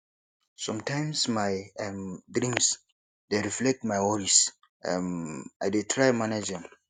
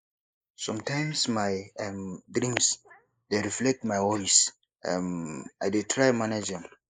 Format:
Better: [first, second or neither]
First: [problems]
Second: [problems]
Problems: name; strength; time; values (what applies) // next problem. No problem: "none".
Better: first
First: none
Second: noise reduction (neural mask model Resemble Enhance denoiser)